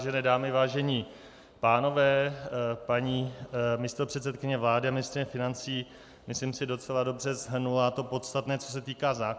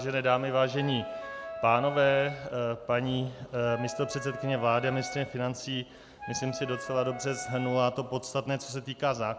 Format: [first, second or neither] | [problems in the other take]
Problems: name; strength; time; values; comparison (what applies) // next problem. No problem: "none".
first | background sound (Wind instrument, woodwind instrument); 10 dB below the speech